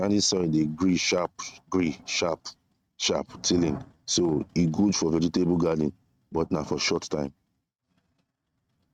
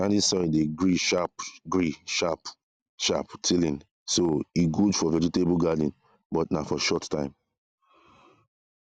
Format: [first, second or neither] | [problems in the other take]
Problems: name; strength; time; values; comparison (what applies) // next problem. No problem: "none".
second | noise reduction (neural mask model RNNoise)